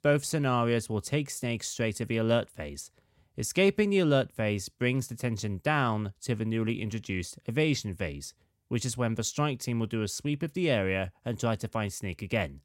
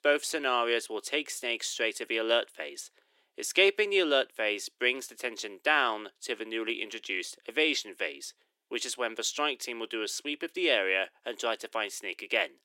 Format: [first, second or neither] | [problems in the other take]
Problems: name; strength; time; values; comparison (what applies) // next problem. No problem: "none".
first | thin; very; fading below 350 Hz